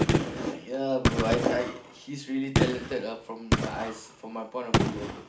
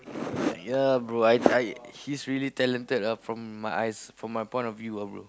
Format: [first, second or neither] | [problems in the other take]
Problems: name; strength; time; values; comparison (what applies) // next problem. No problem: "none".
second | background sound (Gunshot, gunfire); 3 dB above the speech // room echo; dies away in 0.4 s